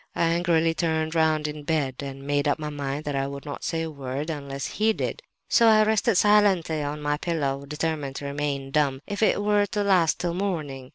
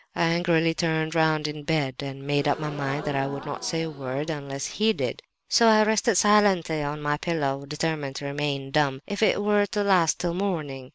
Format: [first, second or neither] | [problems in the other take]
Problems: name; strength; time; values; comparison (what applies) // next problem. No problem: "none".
first | background sound (Crowd / Gasp); 15 dB below the speech